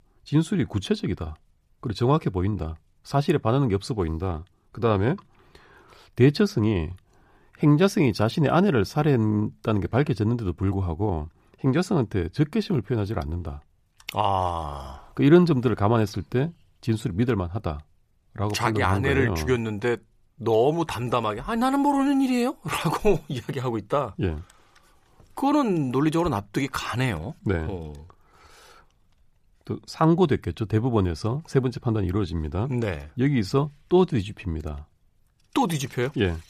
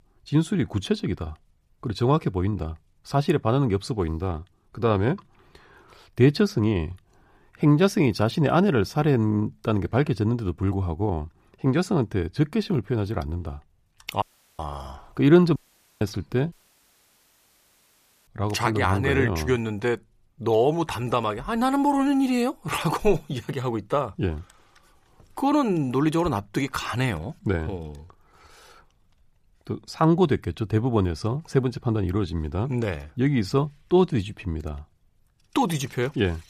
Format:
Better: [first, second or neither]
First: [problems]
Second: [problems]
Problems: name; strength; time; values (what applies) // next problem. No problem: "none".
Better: first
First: none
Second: audio cutting out; at 14 s, at 16 s and at 17 s for 2 s